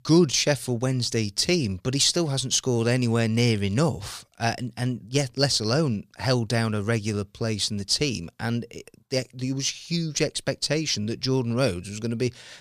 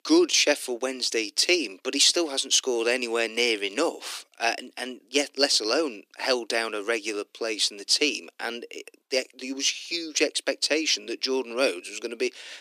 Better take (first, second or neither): first